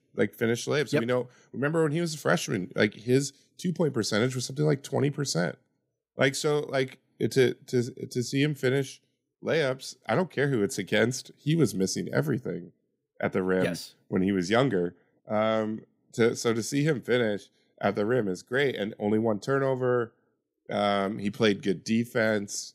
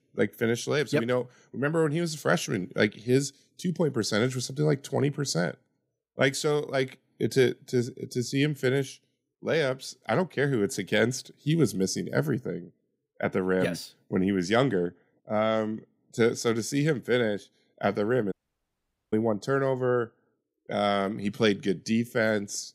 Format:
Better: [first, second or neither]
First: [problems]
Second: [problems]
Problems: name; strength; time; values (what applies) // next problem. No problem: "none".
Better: first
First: none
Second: audio cutting out; at 18 s for 1 s